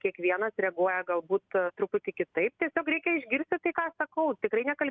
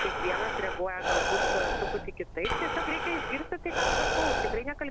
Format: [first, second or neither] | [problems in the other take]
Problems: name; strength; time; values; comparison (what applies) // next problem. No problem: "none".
first | background sound (Breathing); 4 dB above the speech